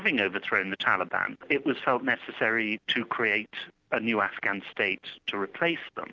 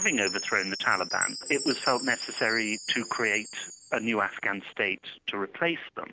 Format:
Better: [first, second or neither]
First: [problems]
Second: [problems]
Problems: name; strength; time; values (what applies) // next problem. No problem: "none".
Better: first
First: none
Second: background sound (Chime); 8 dB below the speech